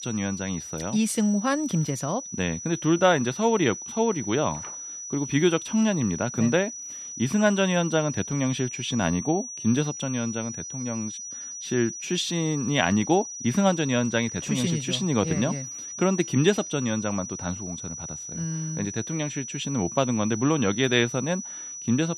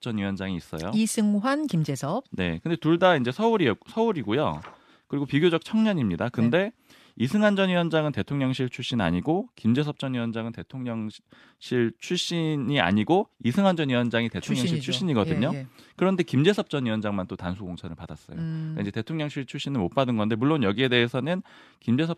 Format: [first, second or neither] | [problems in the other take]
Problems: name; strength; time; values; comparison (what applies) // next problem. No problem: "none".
second | high-pitched whine; loud; throughout; 6 kHz, 9 dB below the speech